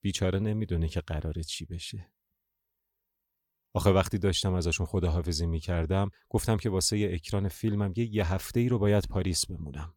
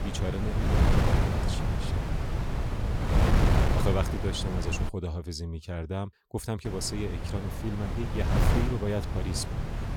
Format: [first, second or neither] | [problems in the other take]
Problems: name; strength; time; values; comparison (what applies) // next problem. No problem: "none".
first | wind noise on the microphone; heavy; until 5 s and from 6.5 s on; 2 dB above the speech